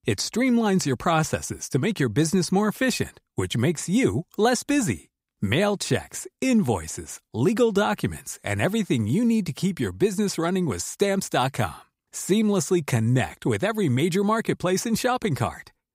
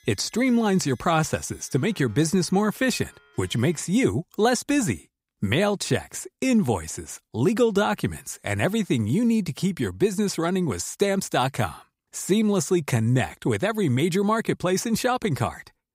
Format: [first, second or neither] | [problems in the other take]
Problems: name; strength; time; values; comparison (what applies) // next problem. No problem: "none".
first | background music; faint; until 4 s; 30 dB below the speech